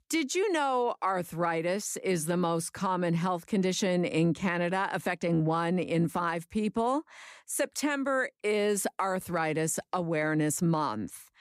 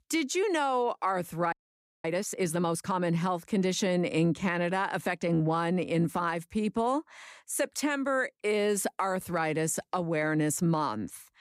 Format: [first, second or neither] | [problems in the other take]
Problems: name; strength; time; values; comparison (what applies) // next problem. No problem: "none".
first | audio freezing; at 1.5 s for 0.5 s